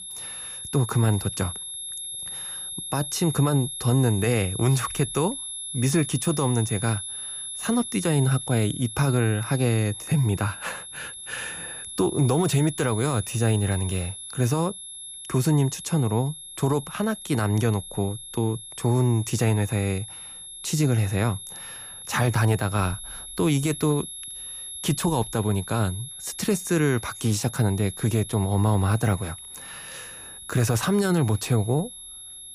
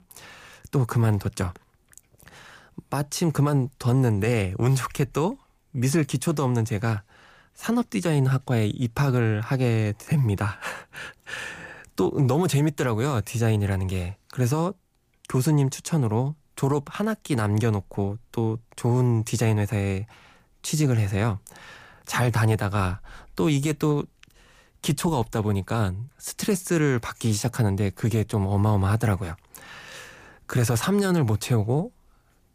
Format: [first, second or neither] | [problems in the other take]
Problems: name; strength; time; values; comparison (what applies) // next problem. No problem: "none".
second | high-pitched whine; loud; throughout; 11 kHz, 10 dB below the speech